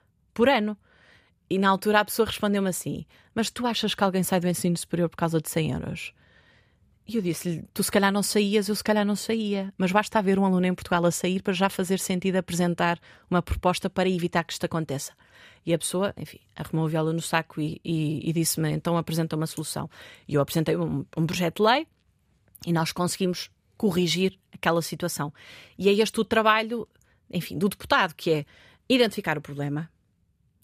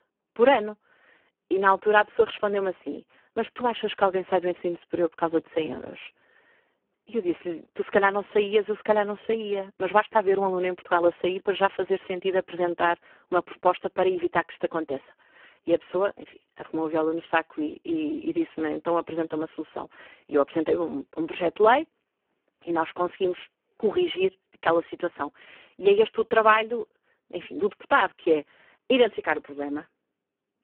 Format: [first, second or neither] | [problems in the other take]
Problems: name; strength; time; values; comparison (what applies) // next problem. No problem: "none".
first | phone-call audio; poor line